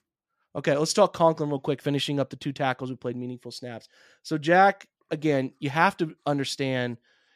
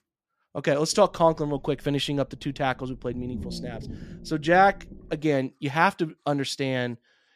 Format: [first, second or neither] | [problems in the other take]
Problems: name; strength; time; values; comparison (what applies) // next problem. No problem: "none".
first | low rumble; faint; from 1 to 5 s; 25 dB below the speech